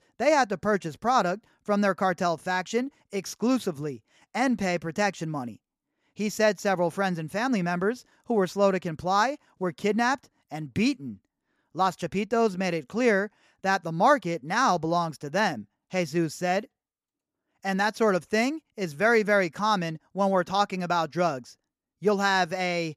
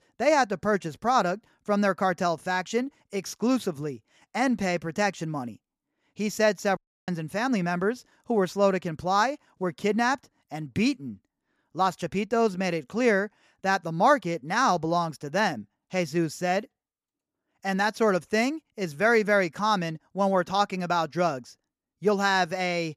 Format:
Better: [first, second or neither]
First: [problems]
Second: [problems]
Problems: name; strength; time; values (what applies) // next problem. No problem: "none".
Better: first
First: none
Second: audio cutting out; at 7 s